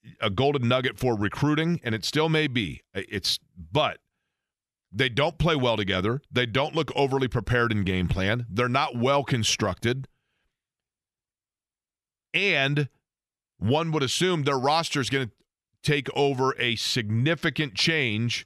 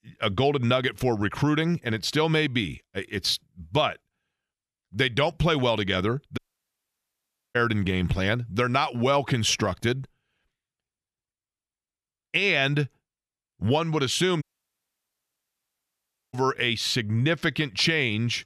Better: first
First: none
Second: audio cutting out; at 6.5 s for 1 s and at 14 s for 2 s

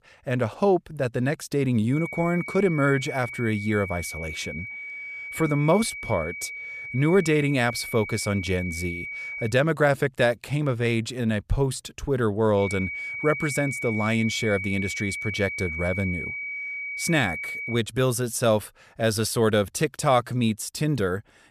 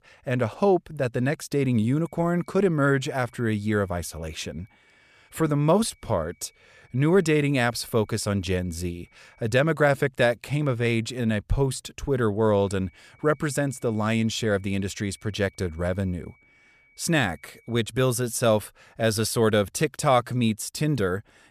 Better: second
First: high-pitched whine; loud; from 2 to 9.5 s and from 13 to 18 s; 2.5 kHz, 7 dB below the speech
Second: high-pitched whine; faint; from 2 to 9.5 s and from 13 to 18 s; 2.5 kHz, 35 dB below the speech

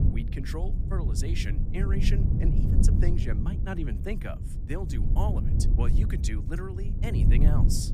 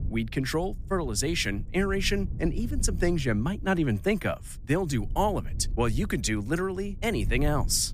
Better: second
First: low rumble; loud; throughout; 2 dB below the speech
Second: low rumble; faint; throughout; 20 dB below the speech

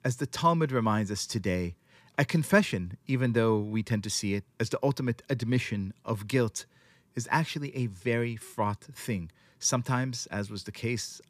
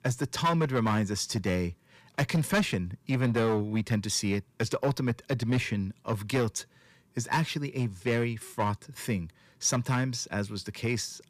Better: first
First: none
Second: distortion; slight; 5% of the sound clipped

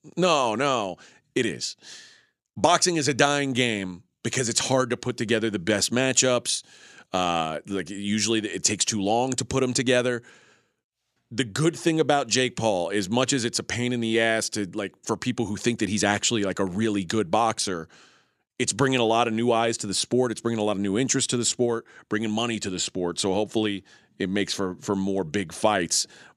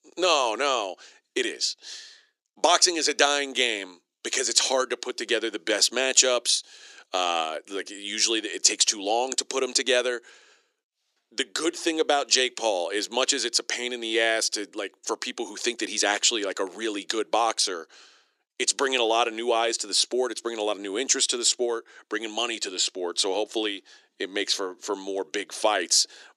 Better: first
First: none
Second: thin; somewhat; fading below 350 Hz

